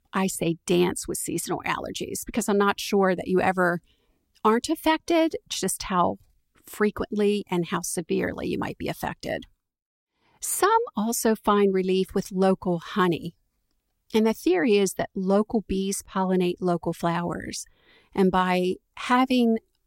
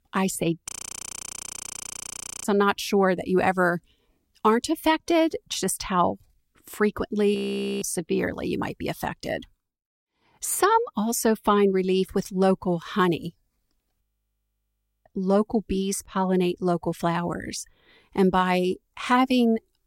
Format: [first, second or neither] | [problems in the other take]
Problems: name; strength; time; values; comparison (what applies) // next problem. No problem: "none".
first | audio freezing; at 0.5 s for 2 s, at 7.5 s and at 14 s for 1 s